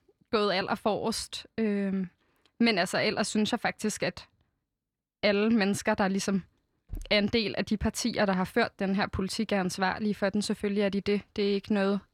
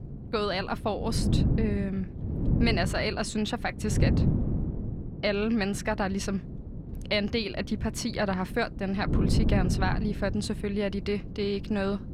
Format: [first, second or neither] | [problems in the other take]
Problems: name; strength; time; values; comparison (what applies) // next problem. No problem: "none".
first | wind noise on the microphone; heavy; 10 dB below the speech